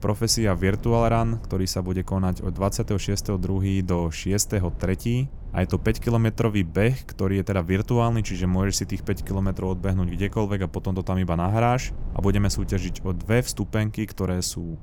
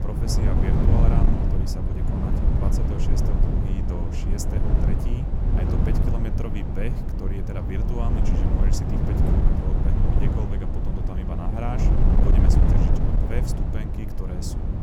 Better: first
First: wind noise on the microphone; occasional gusts; 25 dB below the speech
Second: wind noise on the microphone; heavy; 3 dB above the speech

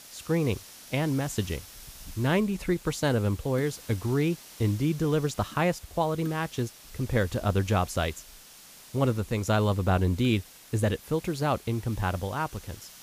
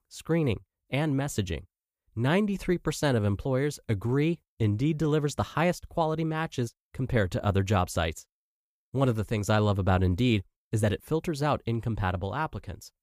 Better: second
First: hiss; noticeable; throughout; 20 dB below the speech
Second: none

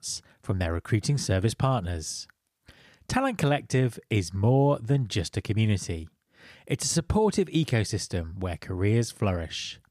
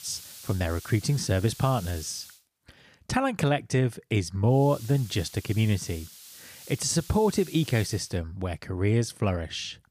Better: first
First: none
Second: hiss; noticeable; until 2.5 s and from 4.5 to 8 s; 15 dB below the speech

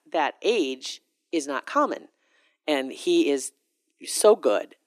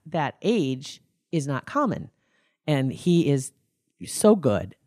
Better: second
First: thin; somewhat; fading below 300 Hz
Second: none

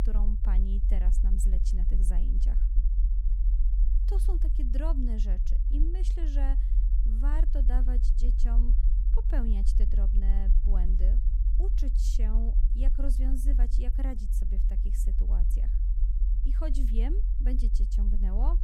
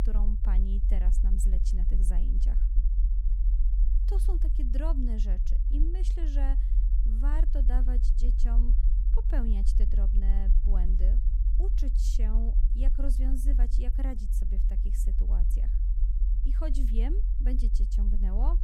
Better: neither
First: low rumble; loud; throughout; 6 dB below the speech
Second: low rumble; loud; throughout; 6 dB below the speech

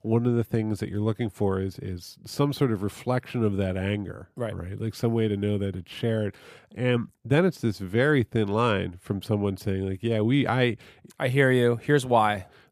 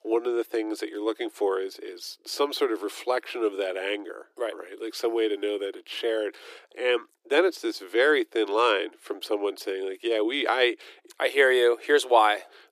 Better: first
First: none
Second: thin; very; fading below 300 Hz

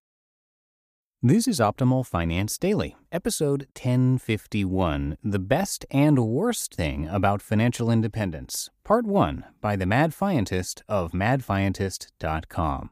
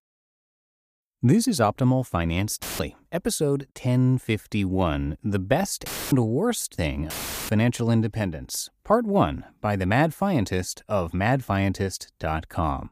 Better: first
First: none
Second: audio cutting out; filled with static; at 2.5 s, at 6 s and at 7 s

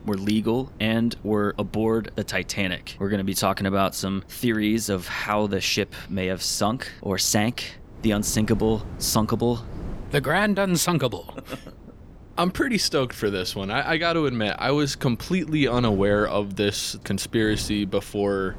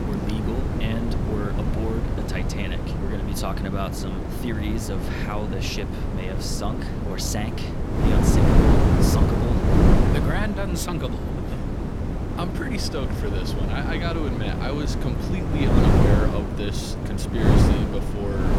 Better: first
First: wind noise on the microphone; occasional gusts; 25 dB below the speech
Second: wind noise on the microphone; heavy; 2 dB above the speech

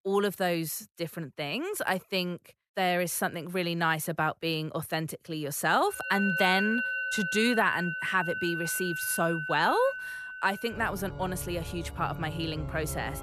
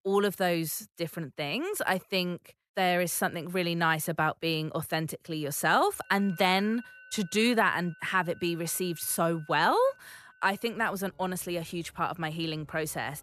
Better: second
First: background music; loud; from 6 s on; 4 dB below the speech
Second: background music; faint; from 6 s on; 25 dB below the speech

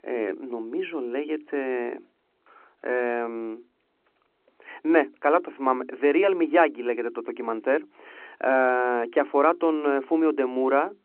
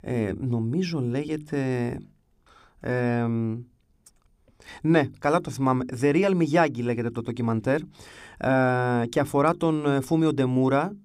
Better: second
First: phone-call audio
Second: none

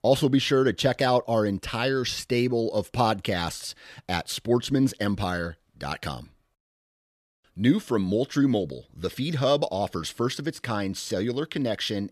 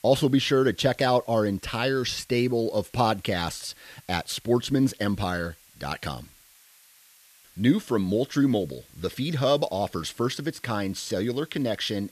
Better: first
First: none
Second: hiss; faint; throughout; 25 dB below the speech

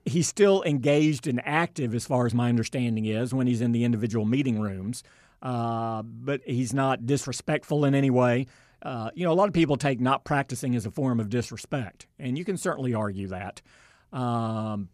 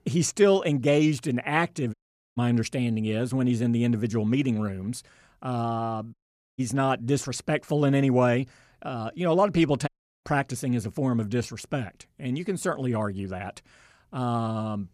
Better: first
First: none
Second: audio cutting out; at 2 s, at 6 s and at 10 s

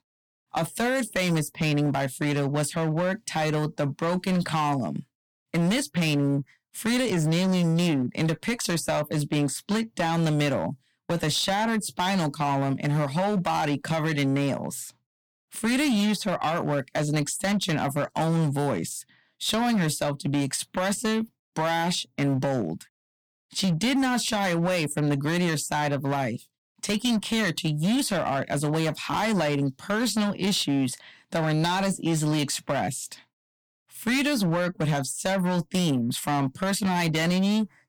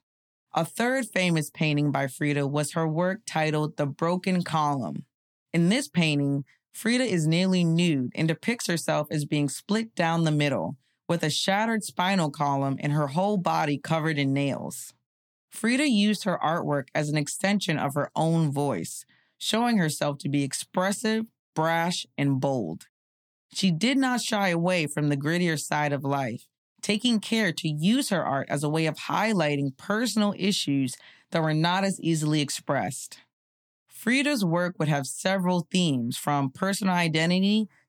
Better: second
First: distortion; slight; 15% of the sound clipped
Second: none

